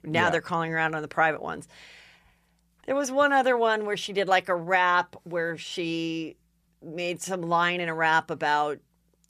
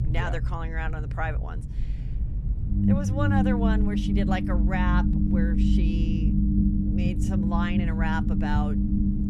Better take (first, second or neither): first